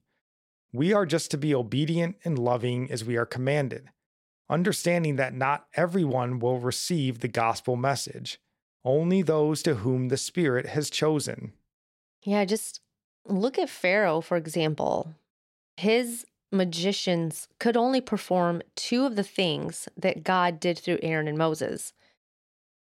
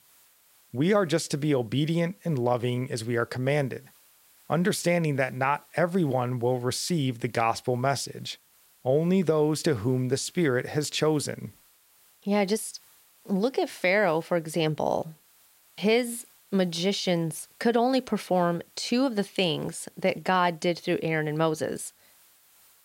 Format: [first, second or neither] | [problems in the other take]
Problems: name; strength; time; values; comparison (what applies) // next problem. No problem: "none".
first | hiss; faint; throughout; 30 dB below the speech